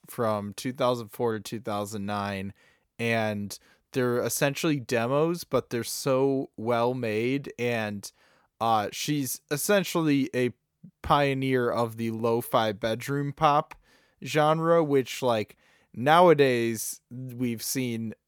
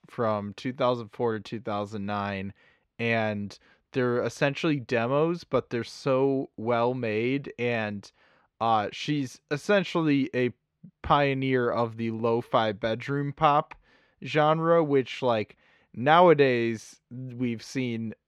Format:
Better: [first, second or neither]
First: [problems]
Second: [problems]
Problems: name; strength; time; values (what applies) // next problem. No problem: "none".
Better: first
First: none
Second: muffled; slightly; fading above 3 kHz